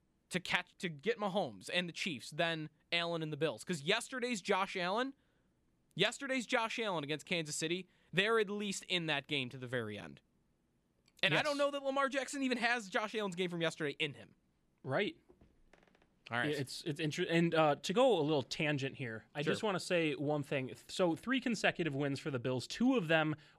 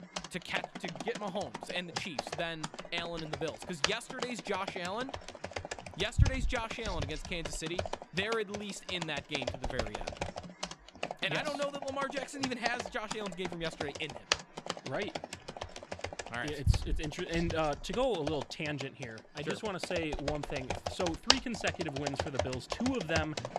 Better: first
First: none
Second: household noises; loud; throughout; 1 dB below the speech

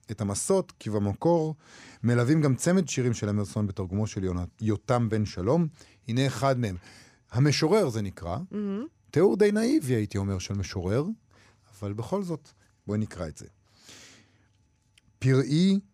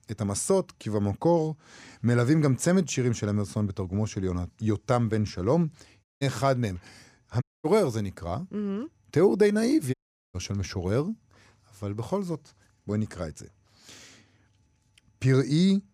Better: first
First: none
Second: audio cutting out; at 6 s, at 7.5 s and at 10 s

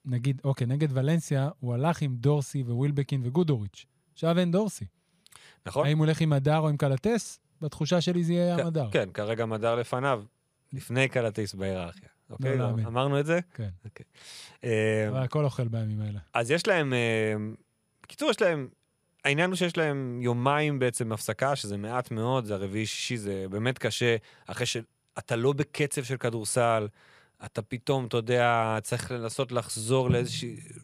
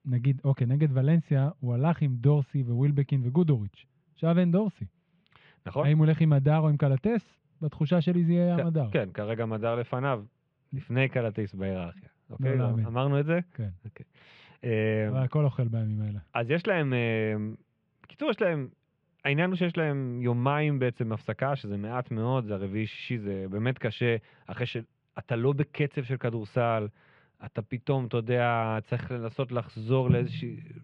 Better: first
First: none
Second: muffled; very; fading above 3 kHz

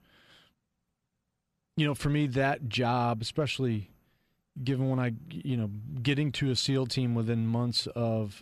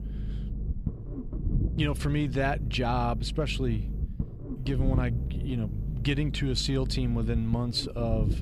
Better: first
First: none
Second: low rumble; noticeable; throughout; 15 dB below the speech

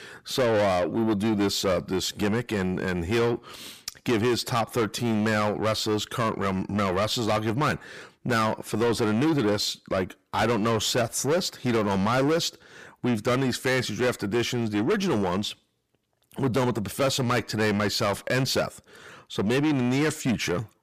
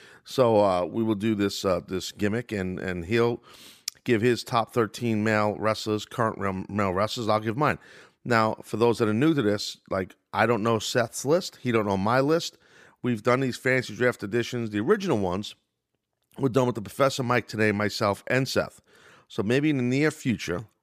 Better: second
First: distortion; heavy; 6 dB below the speech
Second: none

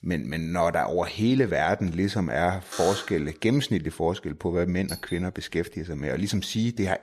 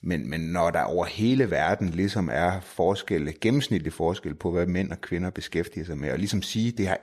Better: second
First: alarm; noticeable; at 2.5 s; peak 6 dB below the speech // doorbell; faint; at 5 s; peak 10 dB below the speech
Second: none

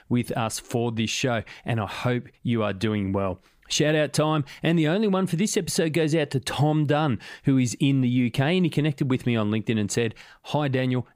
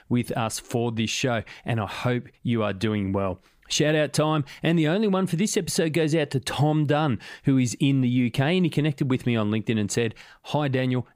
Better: neither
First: none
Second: none

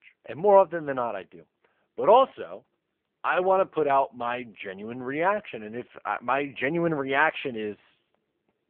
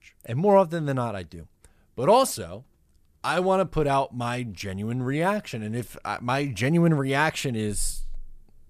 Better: second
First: phone-call audio; poor line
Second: none

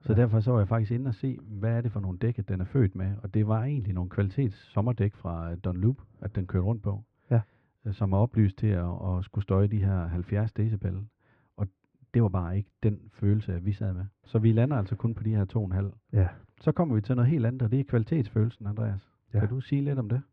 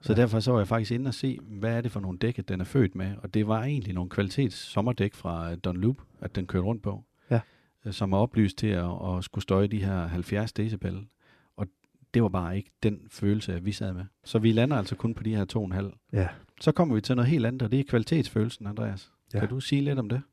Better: second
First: muffled; very; fading above 2 kHz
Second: none

